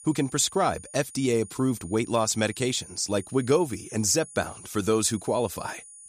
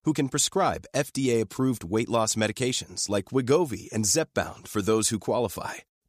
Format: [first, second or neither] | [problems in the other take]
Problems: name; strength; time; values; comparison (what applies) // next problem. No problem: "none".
second | high-pitched whine; noticeable; throughout; 9.5 kHz, 20 dB below the speech